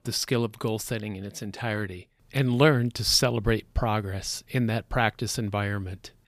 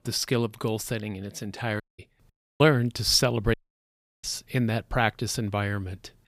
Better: first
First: none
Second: audio cutting out; at 2 s, at 2.5 s and at 3.5 s for 0.5 s

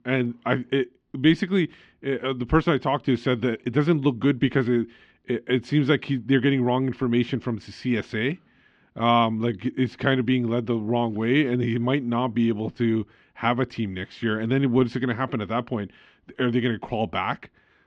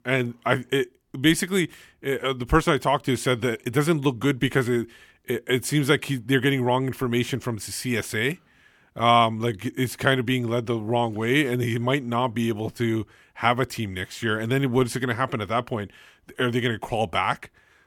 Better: second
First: muffled; slightly; fading above 4.5 kHz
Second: none

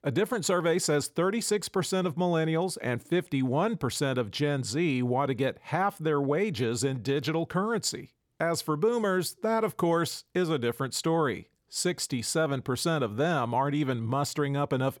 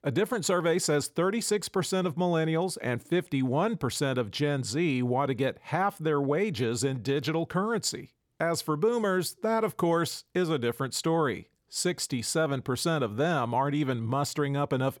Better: neither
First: none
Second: none

